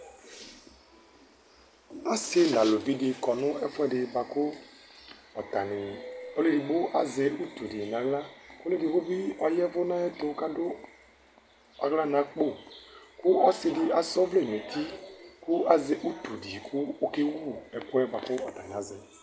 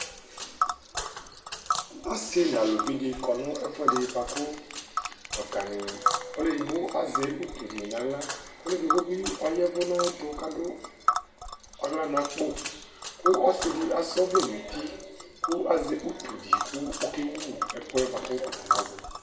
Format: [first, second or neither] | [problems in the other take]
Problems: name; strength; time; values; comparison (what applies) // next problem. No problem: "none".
first | background sound (Tick); 3 dB below the speech // room echo; dies away in 0.6 s